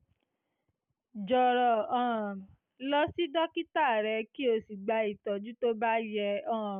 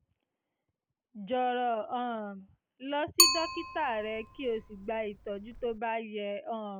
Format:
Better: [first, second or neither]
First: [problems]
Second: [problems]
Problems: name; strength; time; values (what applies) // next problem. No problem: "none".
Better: first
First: none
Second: background sound (Bicycle); 3 dB above the speech